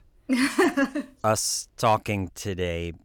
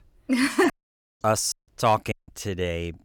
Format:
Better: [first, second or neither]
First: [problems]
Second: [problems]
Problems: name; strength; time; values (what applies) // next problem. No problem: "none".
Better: first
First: none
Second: audio cutting out; at 0.5 s for 0.5 s, at 1.5 s and at 2 s